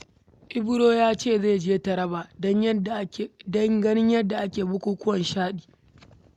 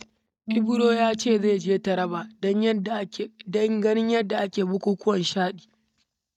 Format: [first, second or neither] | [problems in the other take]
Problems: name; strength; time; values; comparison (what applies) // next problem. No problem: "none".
first | noise reduction (neural mask model DeepFilterNet 3)